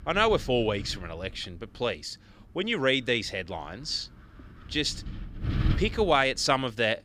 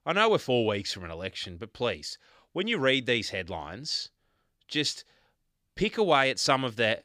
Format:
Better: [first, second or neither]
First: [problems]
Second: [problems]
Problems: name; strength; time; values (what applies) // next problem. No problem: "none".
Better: second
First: wind noise on the microphone; occasional gusts; 15 dB below the speech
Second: none